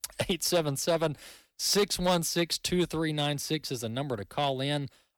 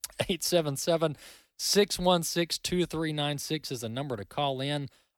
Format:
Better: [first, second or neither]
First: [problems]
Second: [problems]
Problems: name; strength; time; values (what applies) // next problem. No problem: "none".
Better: second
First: distortion; slight; 3% of the sound clipped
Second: none